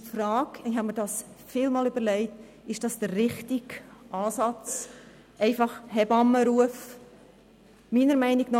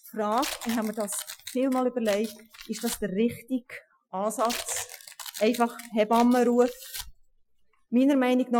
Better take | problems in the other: first | noise reduction (classical method Wiener filter)

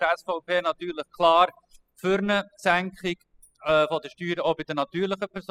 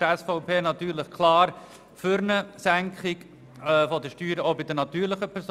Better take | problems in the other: second | noise reduction (classical method spectral subtraction)

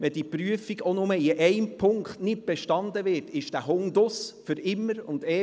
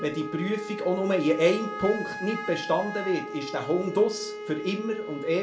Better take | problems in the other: first | background sound (Wind instrument, woodwind instrument); 9 dB below the speech // room echo; dies away in 0.3 s

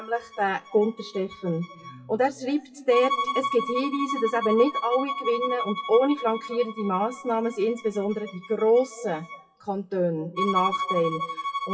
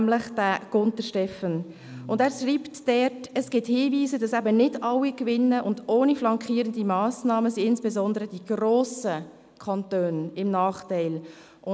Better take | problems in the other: second | noise reduction (classical method WPE with log-MMSE)

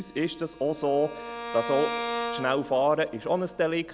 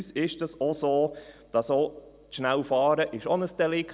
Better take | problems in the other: second | background sound (Bowed string instrument); 9 dB below the speech

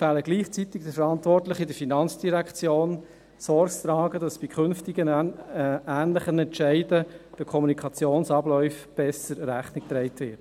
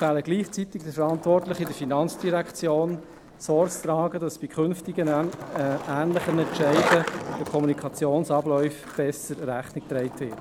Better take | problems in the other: first | background sound (Skateboard); 9 dB below the speech

